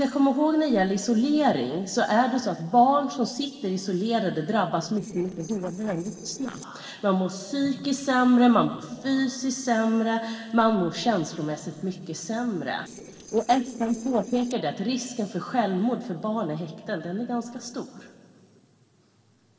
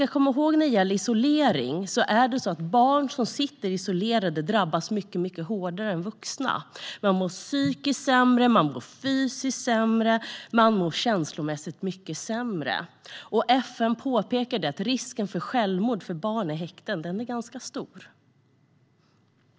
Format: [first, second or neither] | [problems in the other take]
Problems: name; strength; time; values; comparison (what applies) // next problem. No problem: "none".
second | noise reduction (neural separator model SepFormer DNS4)